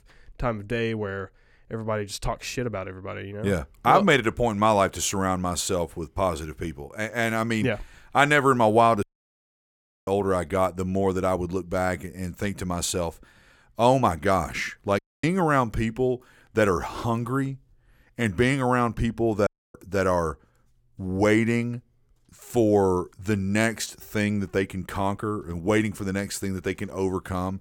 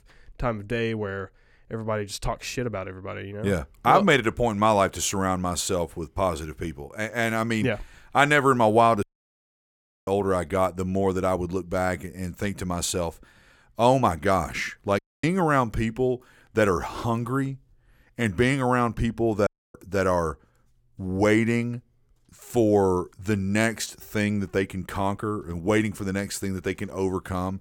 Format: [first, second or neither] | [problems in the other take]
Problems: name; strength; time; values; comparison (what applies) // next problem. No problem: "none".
neither | audio cutting out; at 9 s for 1 s, at 15 s and at 19 s; the same in both